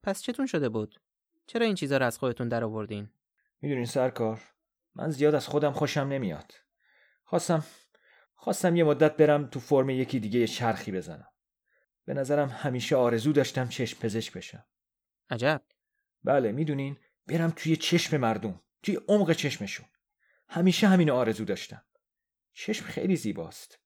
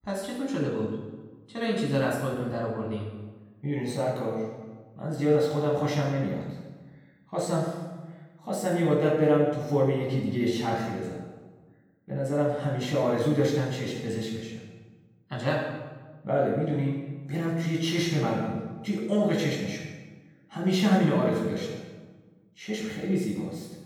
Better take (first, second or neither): first